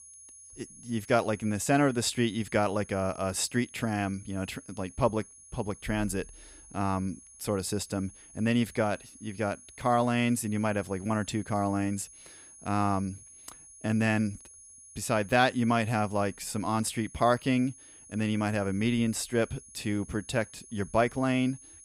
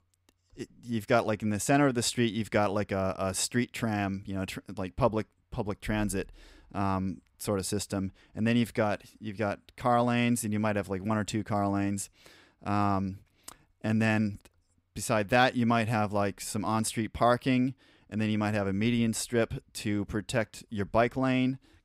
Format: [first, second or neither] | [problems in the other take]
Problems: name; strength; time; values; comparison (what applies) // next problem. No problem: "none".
second | high-pitched whine; noticeable; throughout; 10 kHz, 20 dB below the speech